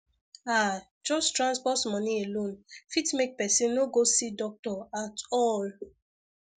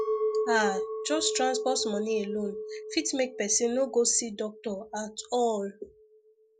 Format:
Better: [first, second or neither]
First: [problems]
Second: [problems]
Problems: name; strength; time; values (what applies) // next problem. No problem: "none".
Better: first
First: none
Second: background sound (Chink, clink); 5 dB below the speech